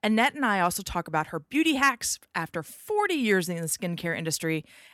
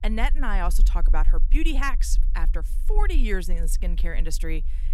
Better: first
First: none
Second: low rumble; faint; throughout; 20 dB below the speech

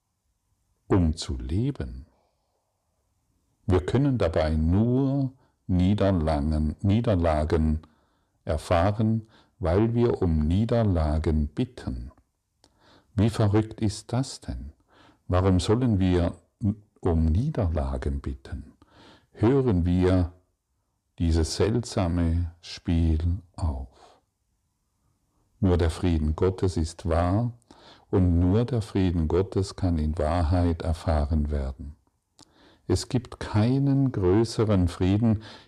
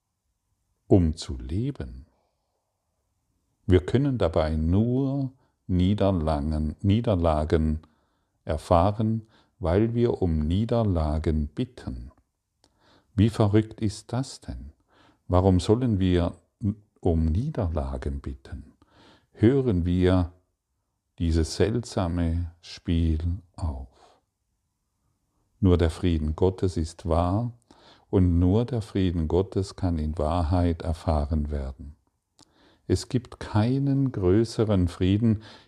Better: second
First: distortion; slight; 10 dB below the speech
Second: none

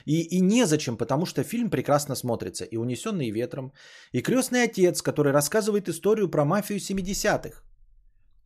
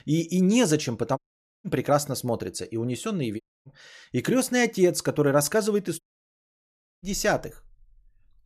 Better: first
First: none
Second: audio cutting out; at 1 s, at 3.5 s and at 6 s for 1 s

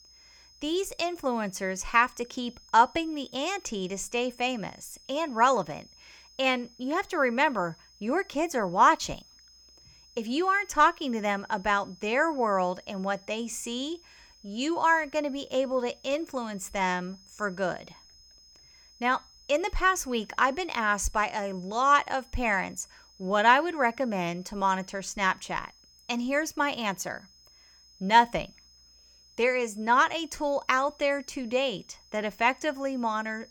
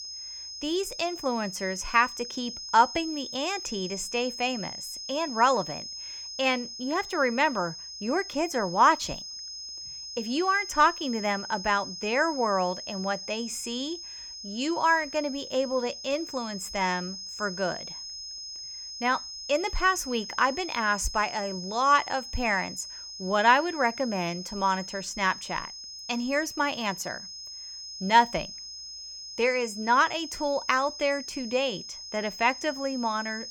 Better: first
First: high-pitched whine; faint; throughout; 5 kHz, 25 dB below the speech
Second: high-pitched whine; loud; throughout; 5 kHz, 10 dB below the speech

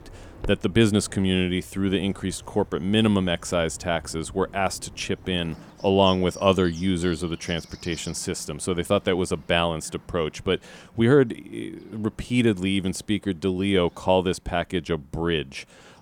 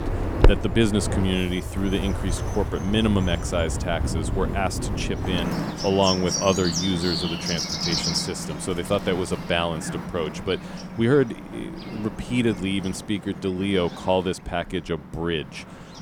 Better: first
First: animal sounds; faint; throughout; 20 dB below the speech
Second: animal sounds; loud; throughout; 3 dB below the speech

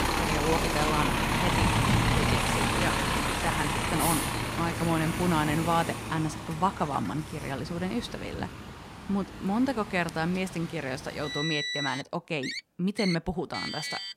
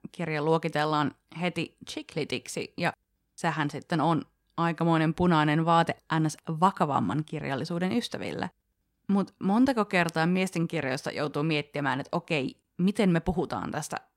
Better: second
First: traffic noise; very loud; throughout; 2 dB above the speech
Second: none

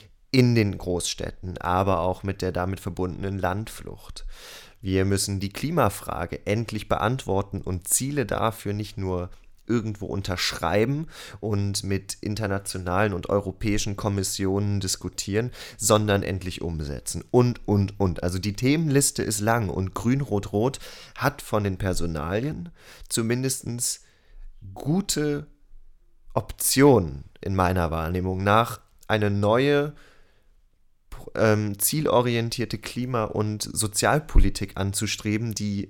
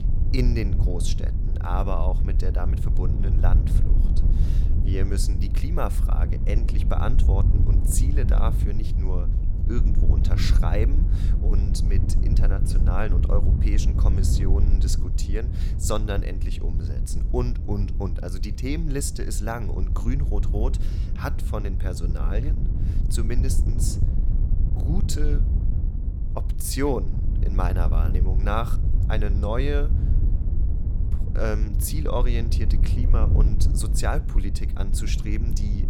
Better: first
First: none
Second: wind noise on the microphone; heavy; 7 dB below the speech

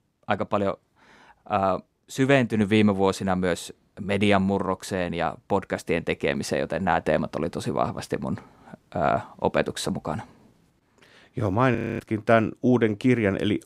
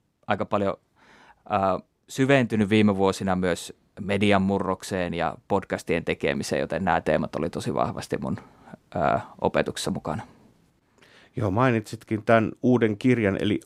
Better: second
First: audio freezing; at 12 s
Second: none

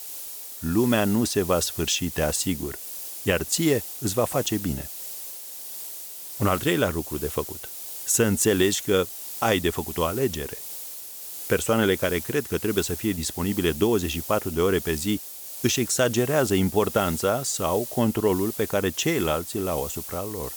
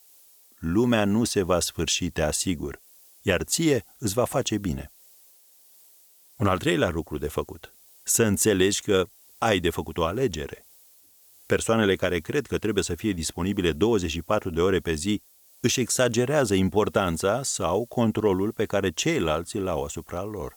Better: second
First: hiss; loud; throughout; 9 dB below the speech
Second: hiss; faint; throughout; 25 dB below the speech

